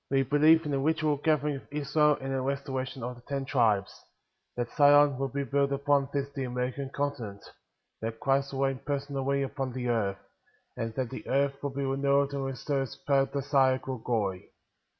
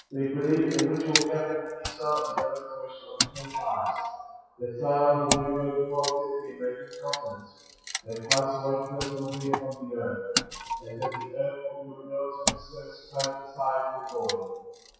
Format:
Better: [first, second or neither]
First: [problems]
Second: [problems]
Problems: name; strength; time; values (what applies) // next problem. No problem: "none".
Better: first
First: none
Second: noise reduction (classical method WPE with log-MMSE)